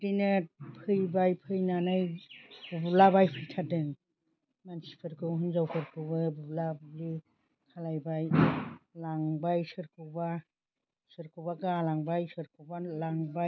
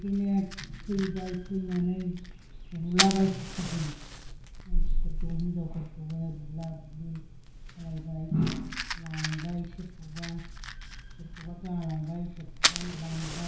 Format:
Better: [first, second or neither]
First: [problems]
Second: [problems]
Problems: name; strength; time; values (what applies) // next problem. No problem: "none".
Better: first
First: none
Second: background sound (Fire); as loud as the speech // room echo; dies away in 0.6 s